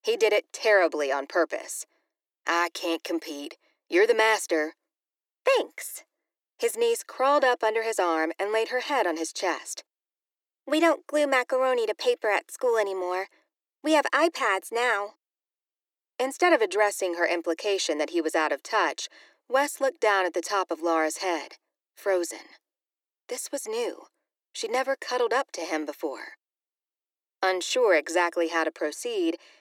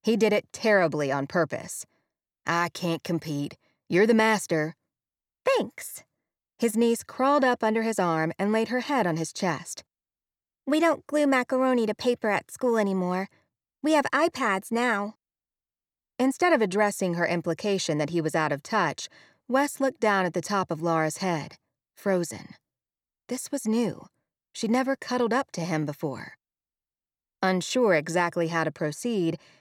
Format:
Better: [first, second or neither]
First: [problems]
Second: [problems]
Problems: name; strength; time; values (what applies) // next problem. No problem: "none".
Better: second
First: thin; very; fading below 300 Hz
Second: none